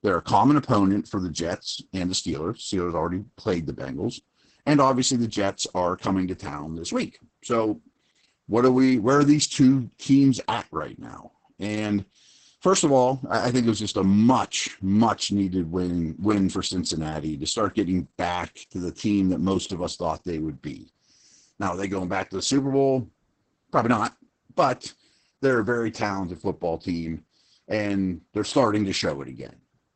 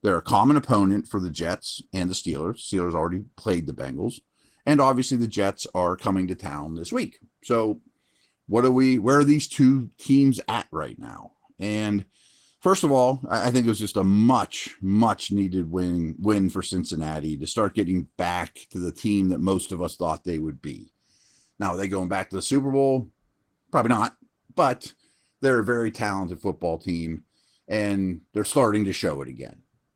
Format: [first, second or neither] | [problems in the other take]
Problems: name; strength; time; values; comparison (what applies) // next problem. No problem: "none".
second | garbled, watery; badly; nothing above 8 kHz; slightly in the second